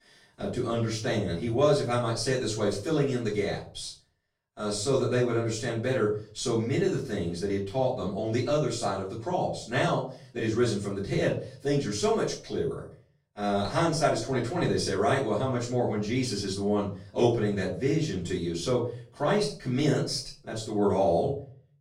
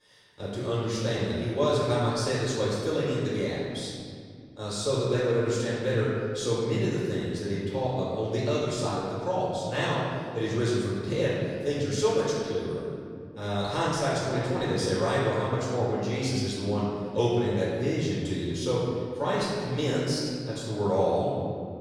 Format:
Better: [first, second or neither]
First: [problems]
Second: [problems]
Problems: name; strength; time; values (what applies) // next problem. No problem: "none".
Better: first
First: room echo; slight; dies away in 0.4 s // off-mic speech; far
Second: room echo; strong; dies away in 2.4 s // off-mic speech; far